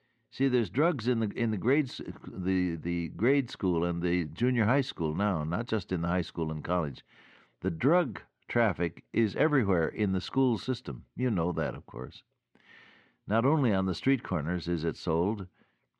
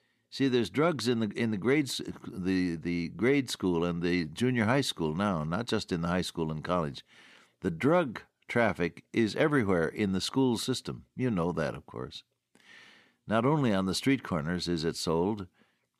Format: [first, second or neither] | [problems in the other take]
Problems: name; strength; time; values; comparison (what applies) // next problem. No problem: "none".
second | muffled; slightly; fading above 3 kHz